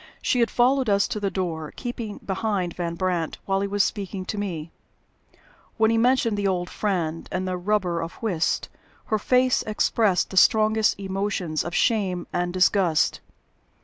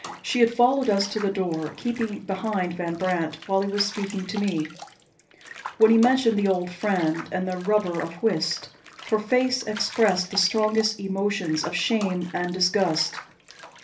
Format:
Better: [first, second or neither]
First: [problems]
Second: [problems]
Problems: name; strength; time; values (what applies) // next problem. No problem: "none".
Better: first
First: none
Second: background sound (Bathtub (filling or washing) / Water); 17 dB below the speech // room echo; dies away in 0.3 s